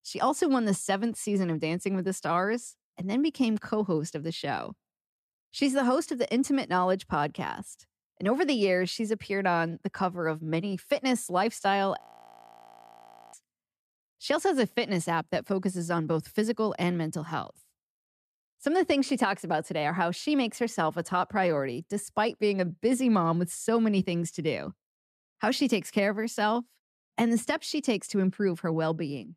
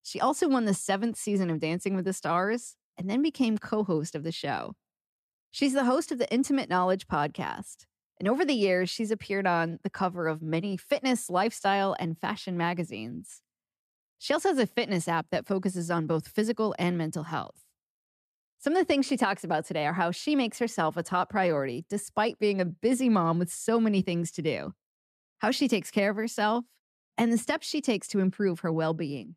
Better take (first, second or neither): second